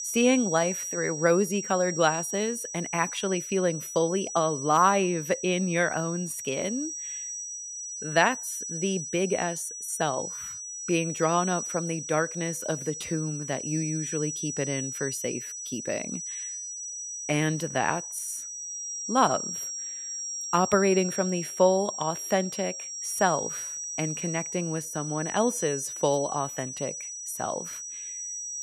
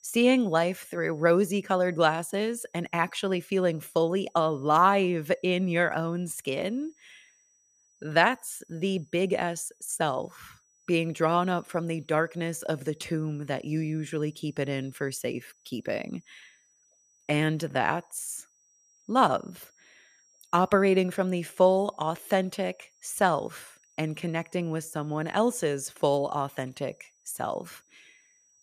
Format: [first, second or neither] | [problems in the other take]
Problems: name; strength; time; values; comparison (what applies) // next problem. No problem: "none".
second | high-pitched whine; loud; throughout; 6 kHz, 6 dB below the speech; faint in the second